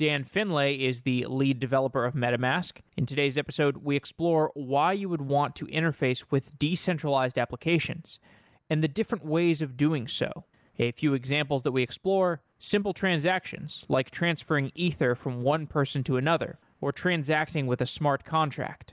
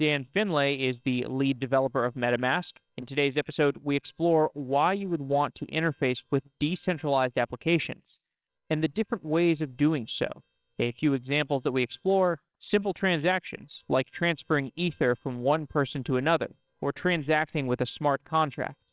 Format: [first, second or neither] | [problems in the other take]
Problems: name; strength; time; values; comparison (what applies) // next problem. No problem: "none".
first | noise reduction (neural separator model SepFormer WHAMR!)